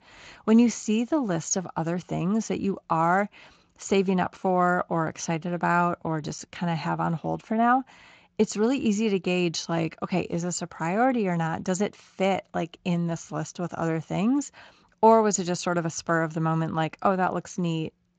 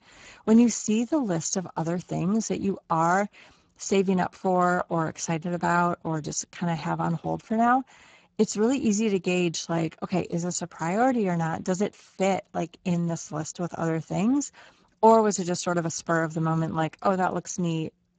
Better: first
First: garbled, watery; slightly; nothing above 7.5 kHz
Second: garbled, watery; badly; nothing above 7.5 kHz

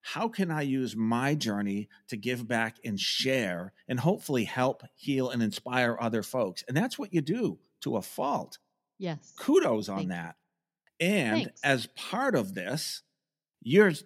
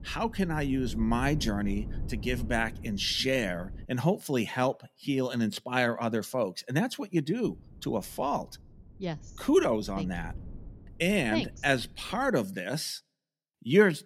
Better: first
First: none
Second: wind noise on the microphone; occasional gusts; until 4 s and from 7.5 to 12 s; 25 dB below the speech

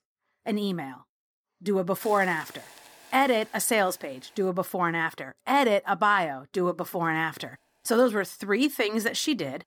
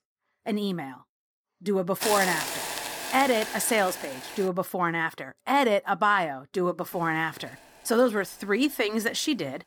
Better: first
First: hiss; faint; from 2 to 4.5 s and from 7 s on; 20 dB below the speech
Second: hiss; loud; from 2 to 4.5 s and from 7 s on; 5 dB below the speech

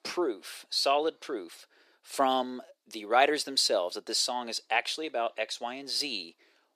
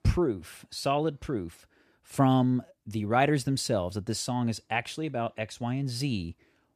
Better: second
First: thin; very; fading below 400 Hz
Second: none

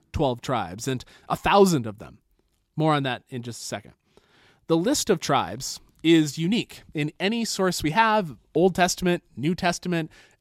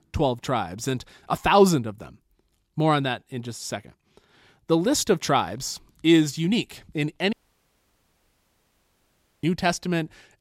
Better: first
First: none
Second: audio cutting out; at 7.5 s for 2 s

